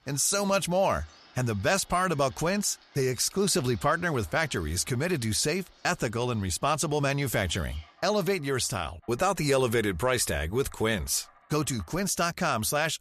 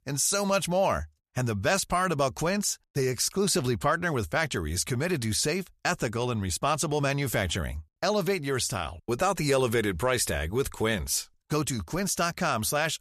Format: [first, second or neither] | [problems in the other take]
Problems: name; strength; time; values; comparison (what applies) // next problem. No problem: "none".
second | animal sounds; faint; throughout; 25 dB below the speech